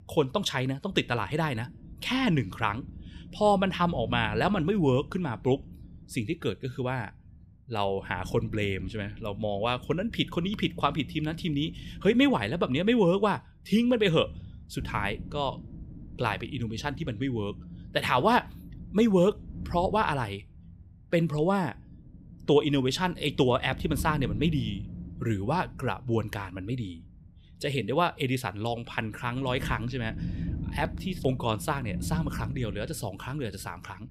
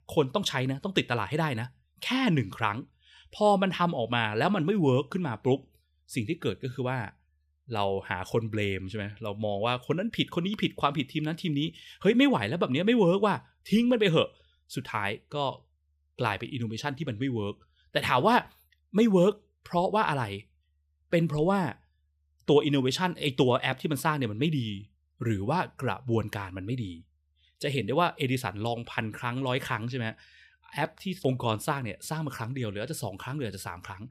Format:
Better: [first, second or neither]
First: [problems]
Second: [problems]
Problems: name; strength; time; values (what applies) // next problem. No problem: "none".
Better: second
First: wind noise on the microphone; occasional gusts; 20 dB below the speech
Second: none